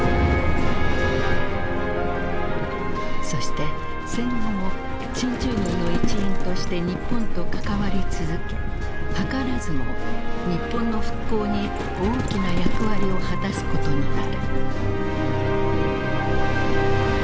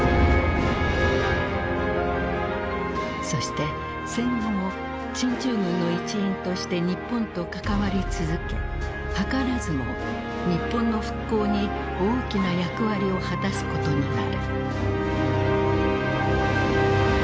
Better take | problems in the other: second | background sound (Livestock, farm animals, working animals); 3 dB above the speech

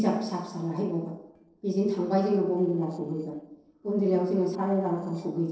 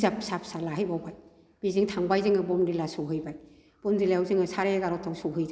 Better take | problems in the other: second | noise reduction (neural separator model SepFormer DNS4)

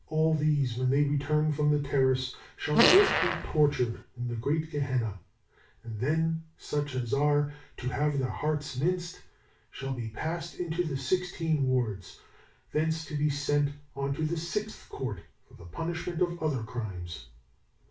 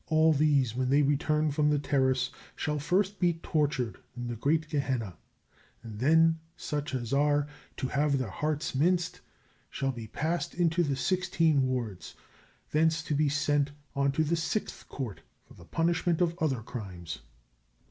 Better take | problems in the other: second | background sound (Fart); 2 dB above the speech // room echo; dies away in 0.3 s

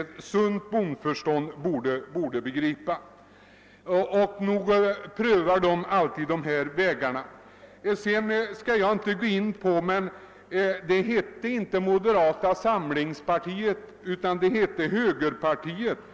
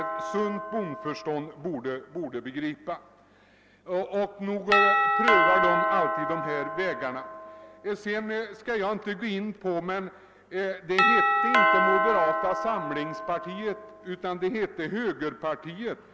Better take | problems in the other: first | background sound (Doorbell); 2 dB above the speech

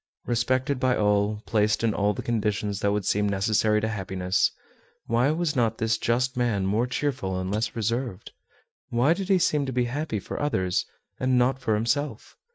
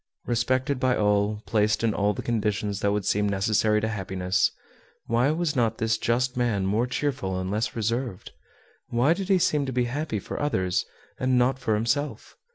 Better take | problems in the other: second | noise reduction (neural mask model RNNoise)

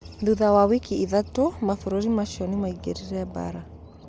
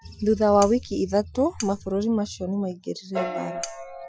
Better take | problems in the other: first | noise reduction (classical method Wiener filter)

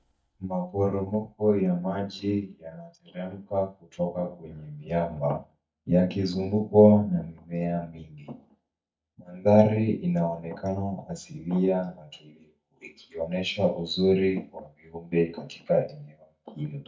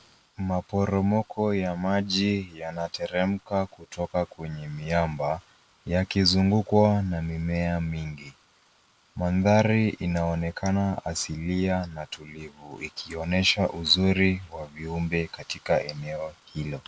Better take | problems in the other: second | noise reduction (neural mask model DeepFilterNet 3)

